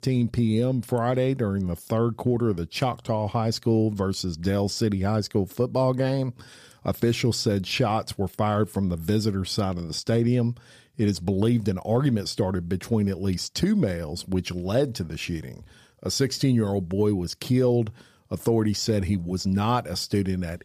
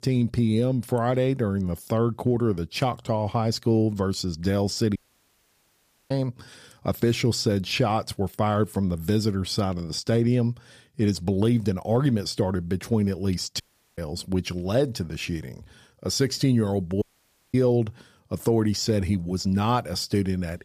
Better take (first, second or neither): first